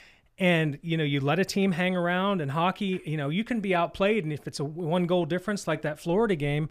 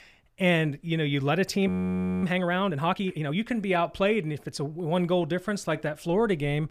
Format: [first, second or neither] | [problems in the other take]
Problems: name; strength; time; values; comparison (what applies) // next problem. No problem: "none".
first | audio freezing; at 1.5 s for 0.5 s